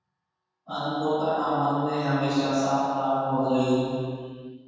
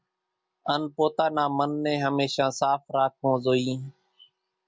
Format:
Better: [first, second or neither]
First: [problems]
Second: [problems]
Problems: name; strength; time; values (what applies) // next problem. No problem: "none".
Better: second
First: room echo; dies away in 2.1 s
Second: none